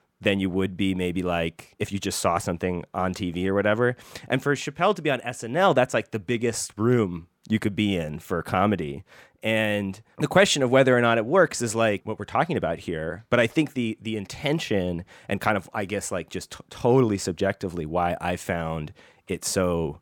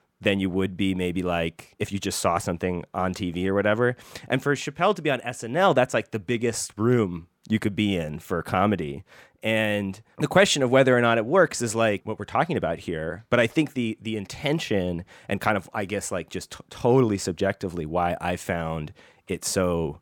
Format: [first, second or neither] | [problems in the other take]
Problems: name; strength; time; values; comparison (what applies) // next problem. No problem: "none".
neither | none